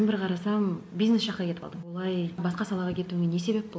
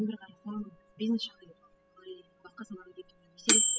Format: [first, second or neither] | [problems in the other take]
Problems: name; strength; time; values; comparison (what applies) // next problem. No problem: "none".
first | noise reduction (classical method spectral subtraction)